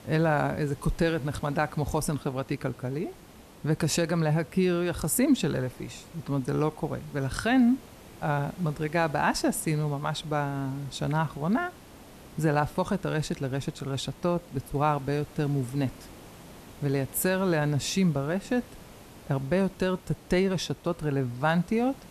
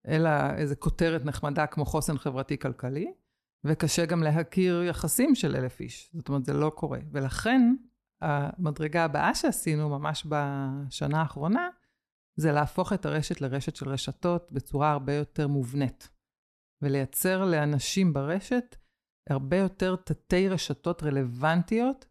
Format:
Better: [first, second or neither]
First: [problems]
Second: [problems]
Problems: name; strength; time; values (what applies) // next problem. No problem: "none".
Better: second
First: hiss; faint; throughout; 20 dB below the speech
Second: none